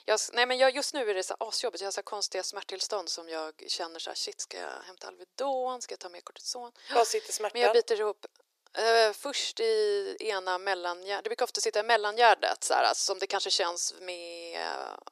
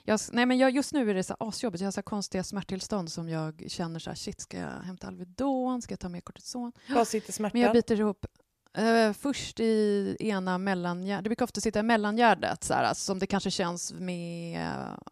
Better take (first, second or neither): second